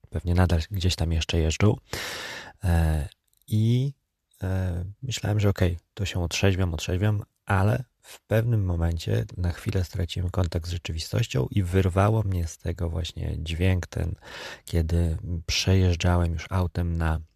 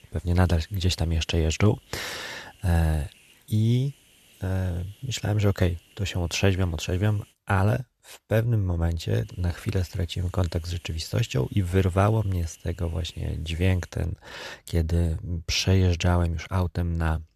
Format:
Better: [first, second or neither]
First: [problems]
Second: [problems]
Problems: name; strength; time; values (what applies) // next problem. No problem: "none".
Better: first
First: none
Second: hiss; faint; until 7.5 s and from 9 to 14 s; 30 dB below the speech